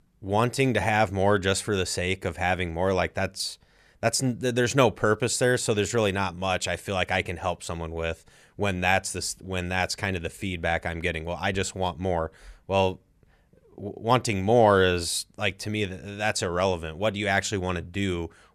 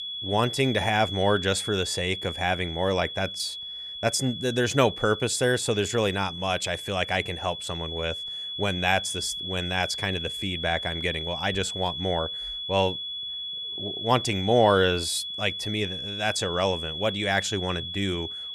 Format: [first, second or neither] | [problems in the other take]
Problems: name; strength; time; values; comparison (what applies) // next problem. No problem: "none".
first | high-pitched whine; loud; throughout; 3.5 kHz, 5 dB below the speech